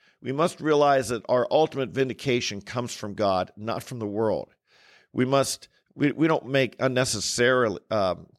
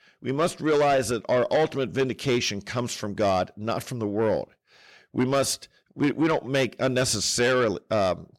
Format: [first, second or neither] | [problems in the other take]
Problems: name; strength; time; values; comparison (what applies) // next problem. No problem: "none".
first | distortion; slight; 10 dB below the speech